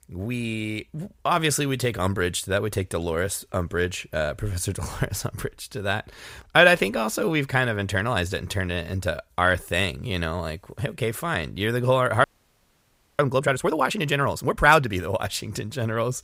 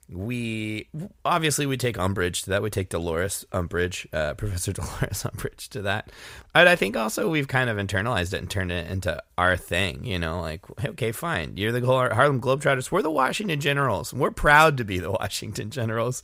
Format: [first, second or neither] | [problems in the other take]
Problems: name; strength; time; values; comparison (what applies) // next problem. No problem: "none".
second | audio freezing; at 12 s for 1 s